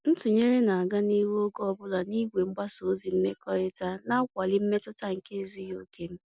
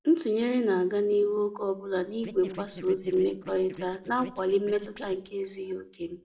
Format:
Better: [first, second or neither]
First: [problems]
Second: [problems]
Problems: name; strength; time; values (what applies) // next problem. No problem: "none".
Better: first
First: none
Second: noise reduction (neural separator model SepFormer DNS4)